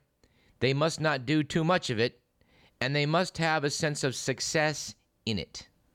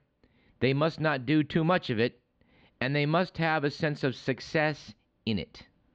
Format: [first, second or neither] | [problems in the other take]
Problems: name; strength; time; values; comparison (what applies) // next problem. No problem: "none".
first | muffled; slightly; fading above 3.5 kHz